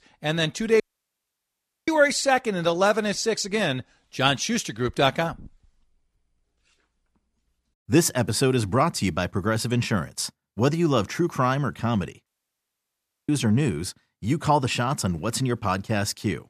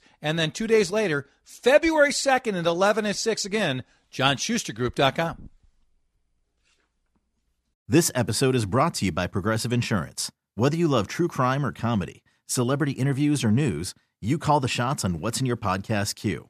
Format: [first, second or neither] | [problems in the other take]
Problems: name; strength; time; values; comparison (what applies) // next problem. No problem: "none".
second | audio cutting out; at 1 s for 1 s and at 12 s for 1 s